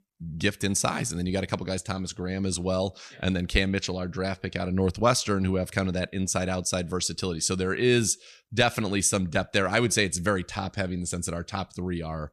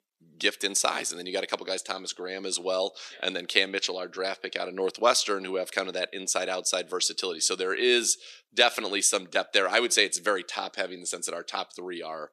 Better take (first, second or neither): first